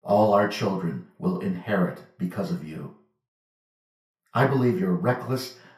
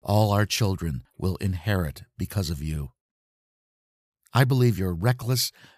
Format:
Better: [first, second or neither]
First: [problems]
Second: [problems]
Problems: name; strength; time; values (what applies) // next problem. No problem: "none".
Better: second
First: room echo; slight; dies away in 0.4 s // off-mic speech; far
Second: none